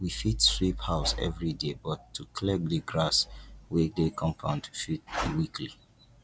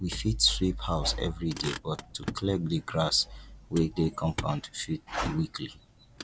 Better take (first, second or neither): first